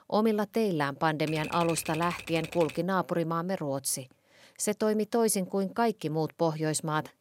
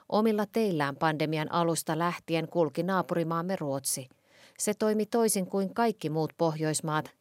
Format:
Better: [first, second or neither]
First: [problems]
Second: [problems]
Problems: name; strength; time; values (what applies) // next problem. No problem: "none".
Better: second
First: keyboard typing; faint; from 1.5 to 3 s; peak 10 dB below the speech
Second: none